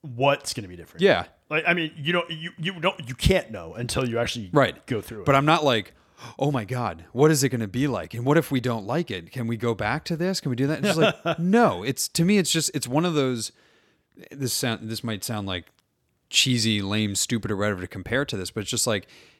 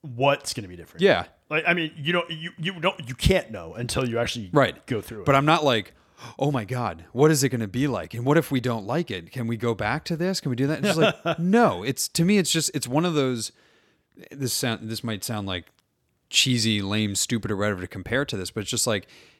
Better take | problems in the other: neither | none

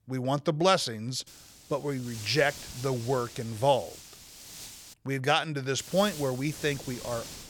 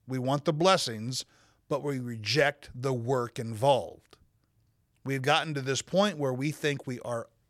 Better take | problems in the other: second | wind noise on the microphone; occasional gusts; from 1.5 to 5 s and from 6 s on; 15 dB below the speech

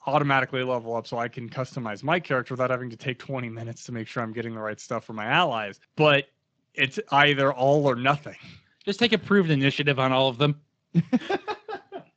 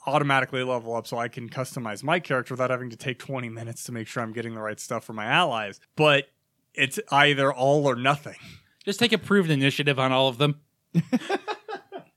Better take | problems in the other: second | garbled, watery; slightly; nothing above 7.5 kHz

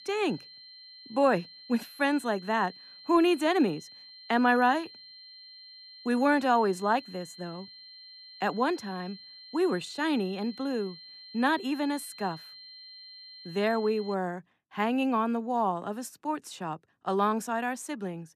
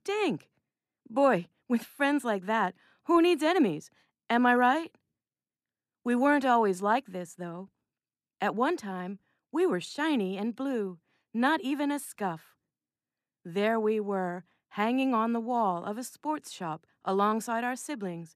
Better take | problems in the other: second | high-pitched whine; noticeable; until 14 s; 4 kHz, 20 dB below the speech

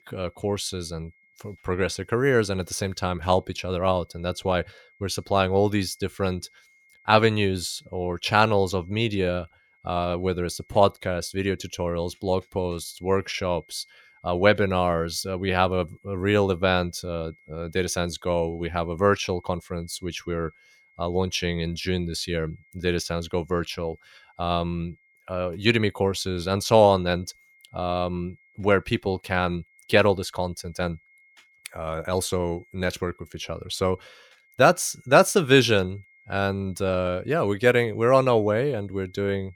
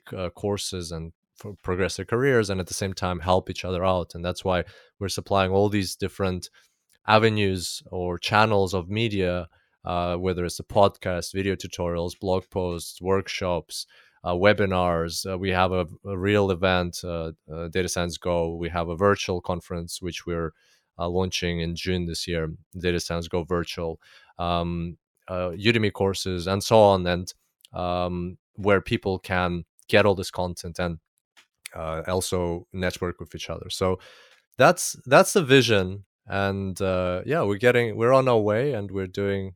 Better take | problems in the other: second | high-pitched whine; faint; throughout; 2 kHz, 35 dB below the speech

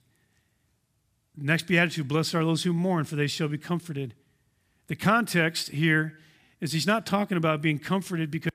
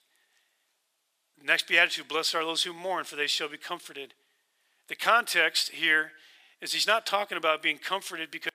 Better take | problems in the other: first | thin; very; fading below 500 Hz

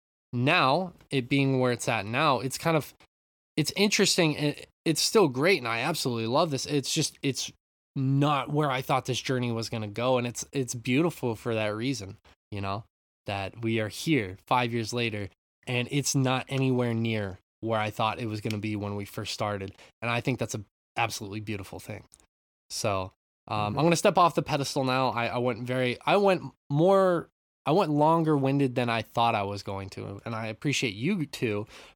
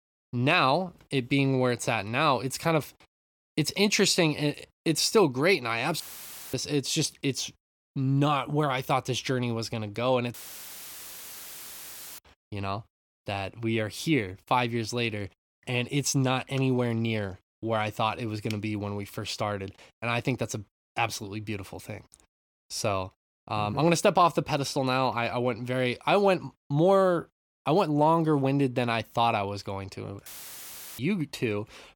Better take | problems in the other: first | audio cutting out; filled with static; at 6 s for 0.5 s, at 10 s for 2 s and at 30 s for 0.5 s

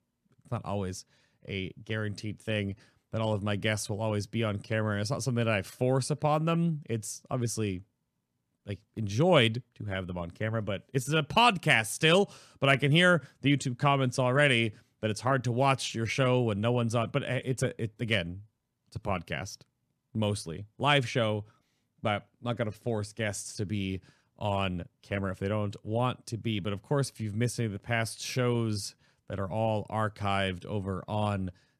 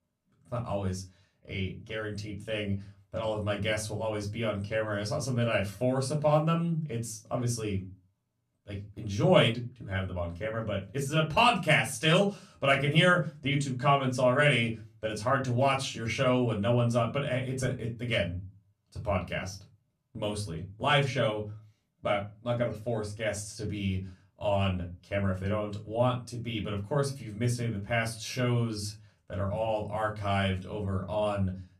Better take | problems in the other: first | off-mic speech; far // room echo; very slight; dies away in 0.2 s

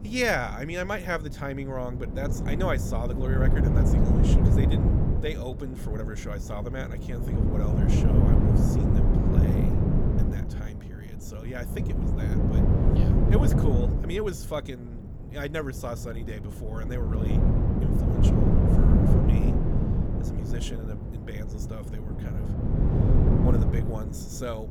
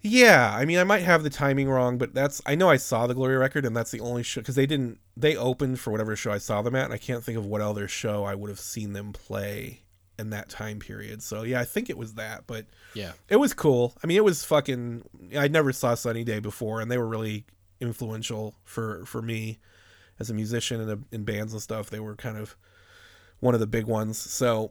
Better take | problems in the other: second | wind noise on the microphone; heavy; 1 dB above the speech

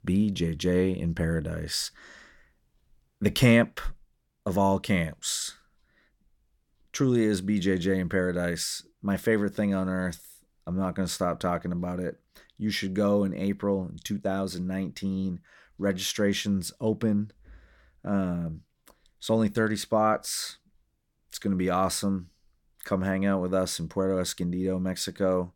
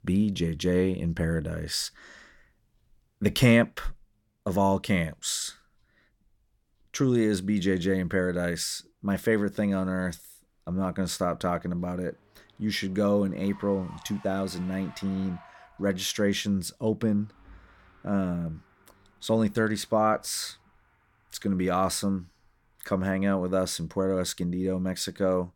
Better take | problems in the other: first | traffic noise; faint; throughout; 25 dB below the speech

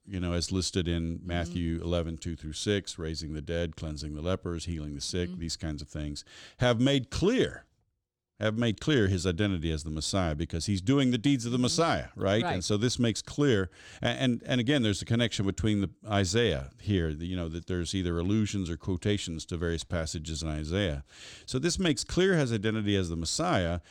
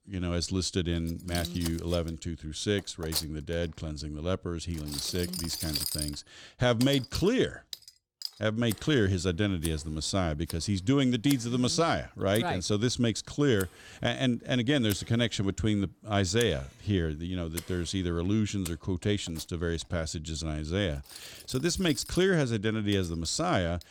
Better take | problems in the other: first | household noises; loud; throughout; 10 dB below the speech

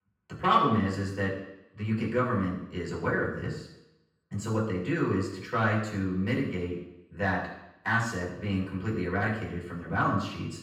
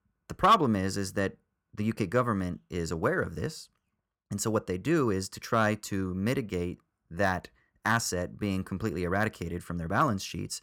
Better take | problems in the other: second | room echo; noticeable; dies away in 0.9 s // off-mic speech; far

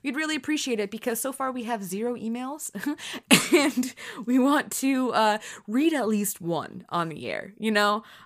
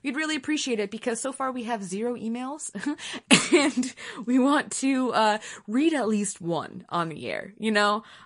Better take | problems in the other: first | garbled, watery; slightly; nothing above 10.5 kHz

